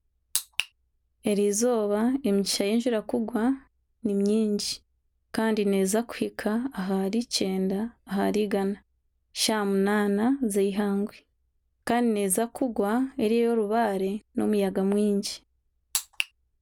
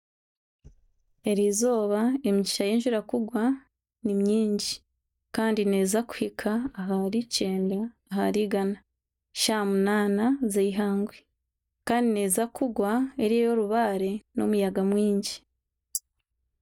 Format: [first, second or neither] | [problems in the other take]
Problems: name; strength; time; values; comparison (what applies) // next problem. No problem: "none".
first | noise reduction (neural mask model DeepFilterNet 3)